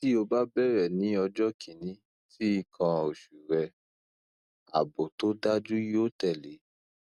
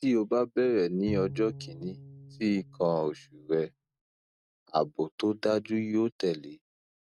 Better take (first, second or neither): first